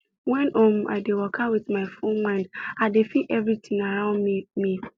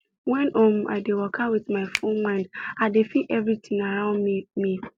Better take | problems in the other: first | background sound (Finger snapping); 16 dB below the speech

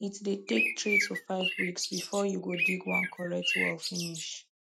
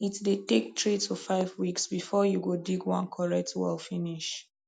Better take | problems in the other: second | noise reduction (neural mask model RNNoise)

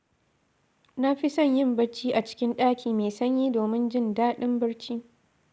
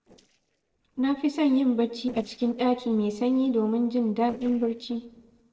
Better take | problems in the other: first | noise reduction (neural separator model SepFormer DNS4)

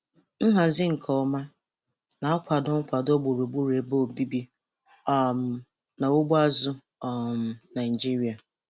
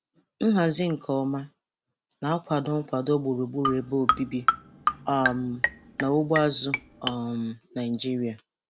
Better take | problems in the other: first | background sound (Marimba, xylophone); 2 dB below the speech

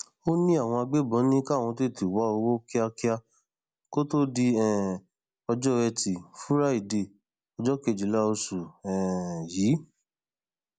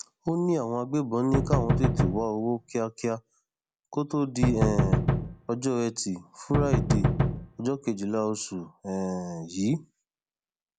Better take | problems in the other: first | background sound (Knock); 3 dB above the speech

